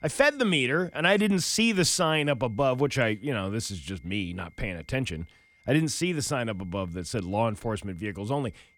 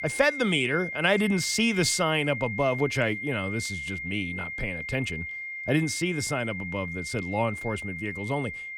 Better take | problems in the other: first | high-pitched whine; loud; throughout; 2 kHz, 6 dB below the speech; faint in the first

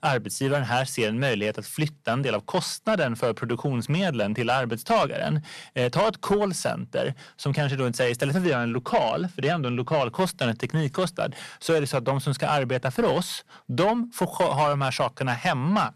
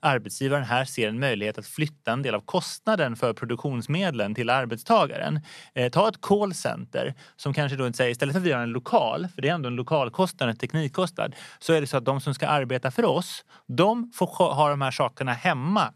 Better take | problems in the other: second | distortion; slight; 10 dB below the speech

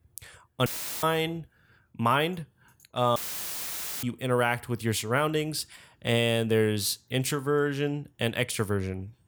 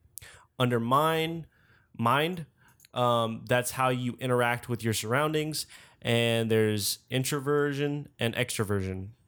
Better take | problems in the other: second | audio cutting out; filled with static; at 0.5 s and at 3 s for 1 s

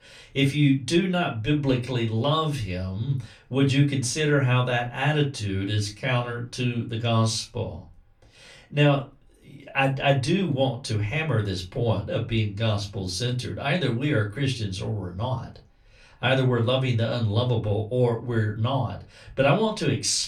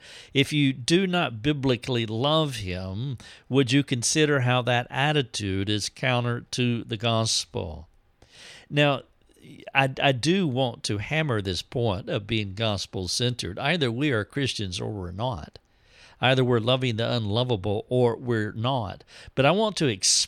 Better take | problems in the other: second | off-mic speech; far // room echo; very slight; dies away in 0.2 s

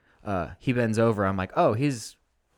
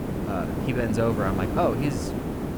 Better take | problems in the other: first | hiss; loud; throughout; 1 dB below the speech

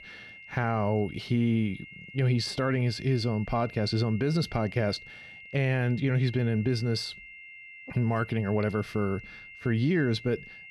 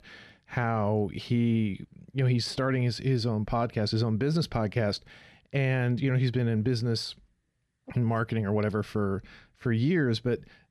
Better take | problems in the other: second | high-pitched whine; noticeable; throughout; 2 kHz, 15 dB below the speech

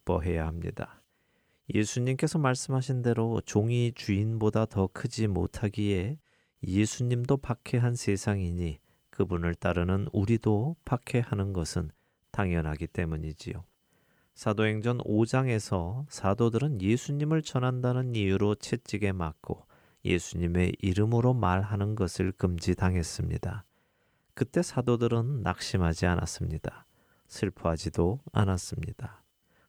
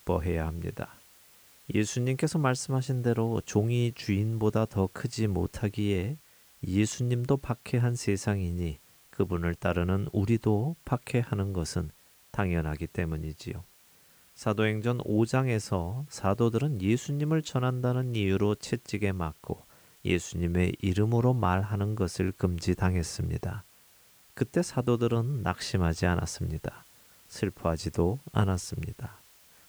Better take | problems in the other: first | hiss; faint; throughout; 25 dB below the speech

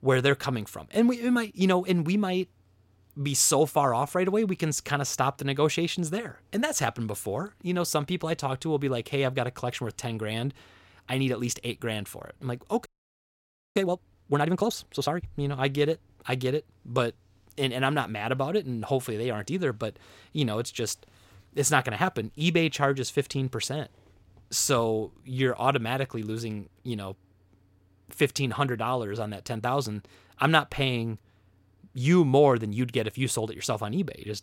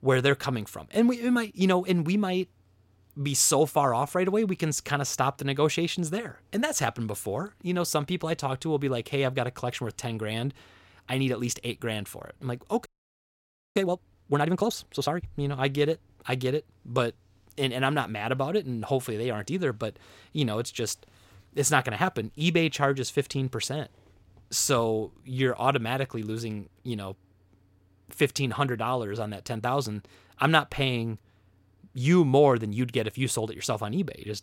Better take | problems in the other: neither | audio freezing; at 13 s for 1 s; the same in both

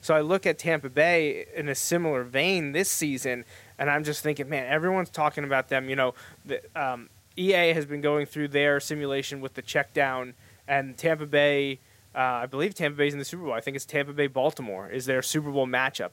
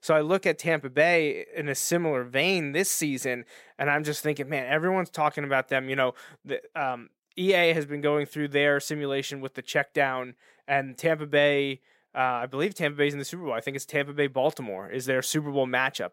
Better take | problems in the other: second | hiss; faint; throughout; 30 dB below the speech

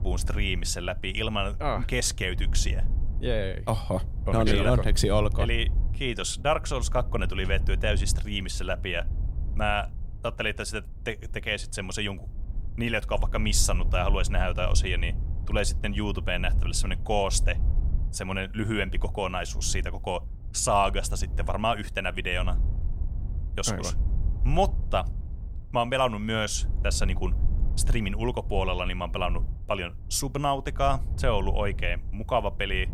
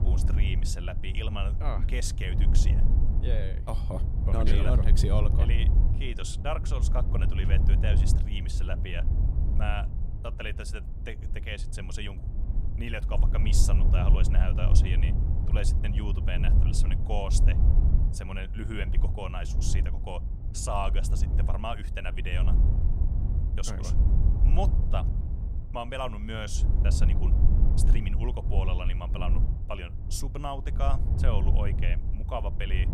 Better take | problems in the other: first | wind noise on the microphone; heavy; 7 dB below the speech; occasional gusts in the first

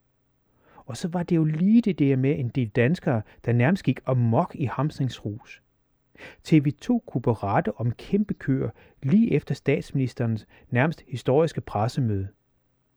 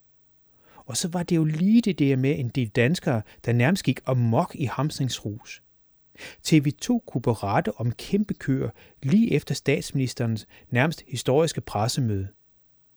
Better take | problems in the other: second | muffled; slightly; fading above 3.5 kHz

